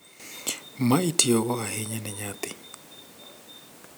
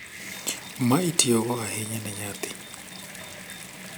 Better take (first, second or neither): first